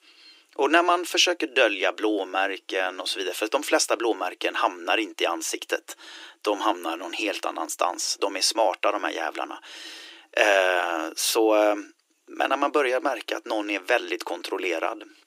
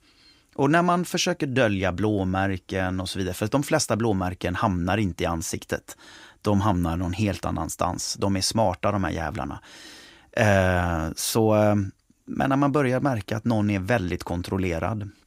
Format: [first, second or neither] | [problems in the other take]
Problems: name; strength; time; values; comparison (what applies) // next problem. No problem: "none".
second | thin; very; fading below 300 Hz